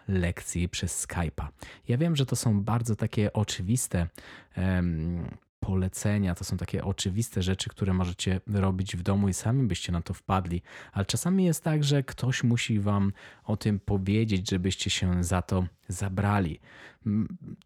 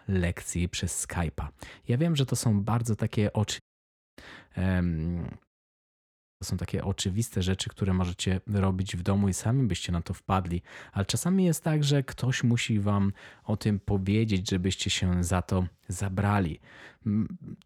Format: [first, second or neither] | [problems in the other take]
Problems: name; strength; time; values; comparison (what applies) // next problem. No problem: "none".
first | audio cutting out; at 3.5 s for 0.5 s and at 5.5 s for 1 s